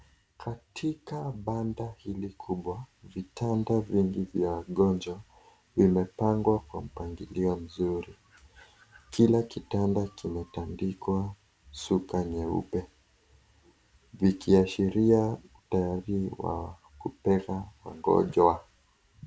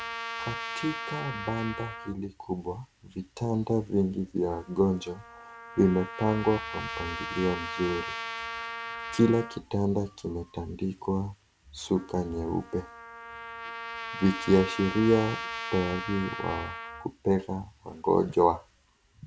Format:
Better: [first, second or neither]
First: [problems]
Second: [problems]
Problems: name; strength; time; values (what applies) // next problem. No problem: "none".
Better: first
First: none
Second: background sound (Trumpet); 10 dB below the speech